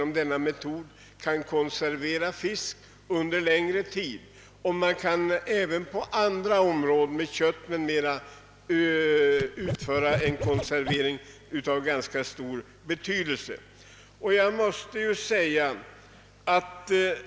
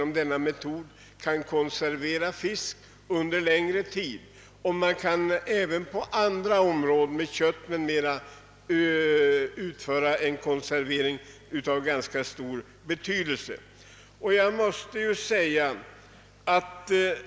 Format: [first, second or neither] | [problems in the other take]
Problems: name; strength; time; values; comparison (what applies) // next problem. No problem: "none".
second | background sound (Scratching (performance technique)); 5 dB below the speech